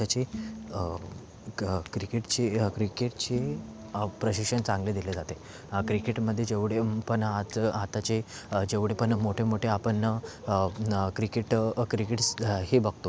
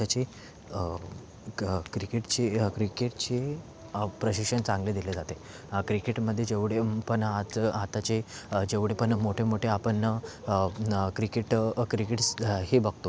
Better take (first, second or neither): second